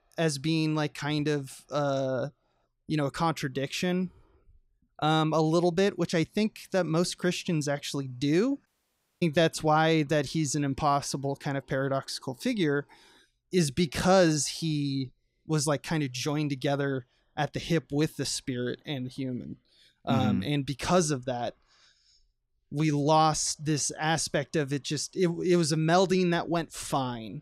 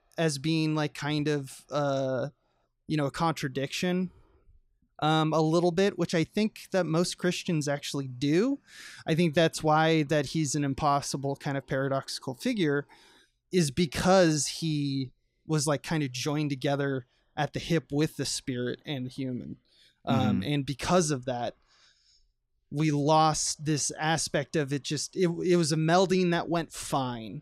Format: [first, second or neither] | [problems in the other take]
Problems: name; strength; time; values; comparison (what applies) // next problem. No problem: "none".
second | audio cutting out; at 8.5 s for 0.5 s